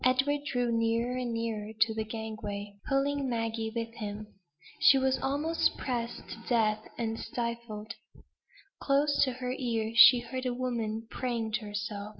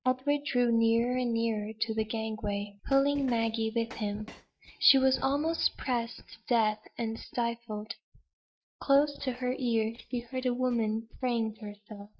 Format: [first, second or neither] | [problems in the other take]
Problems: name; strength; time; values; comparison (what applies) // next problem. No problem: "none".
first | noise reduction (neural mask model DeepFilterNet 3)